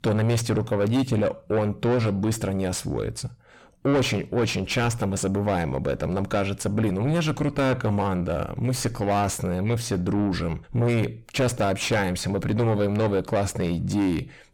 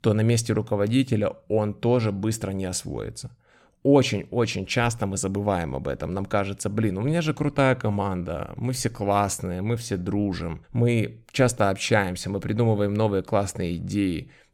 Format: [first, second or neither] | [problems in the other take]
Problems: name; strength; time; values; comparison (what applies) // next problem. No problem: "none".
second | distortion; heavy; 6 dB below the speech